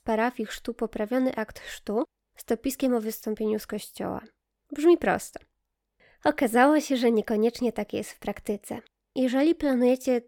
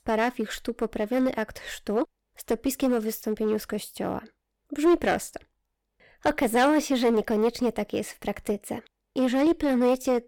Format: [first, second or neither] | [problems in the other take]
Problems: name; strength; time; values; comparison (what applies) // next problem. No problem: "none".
first | distortion; slight; 6% of the sound clipped